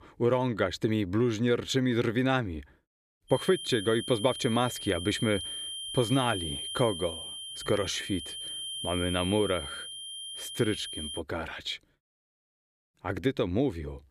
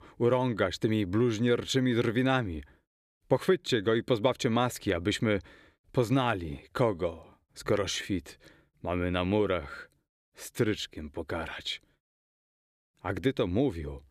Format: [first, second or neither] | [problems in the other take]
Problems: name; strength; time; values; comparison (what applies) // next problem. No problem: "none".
second | high-pitched whine; loud; from 3.5 to 11 s; 3 kHz, 7 dB below the speech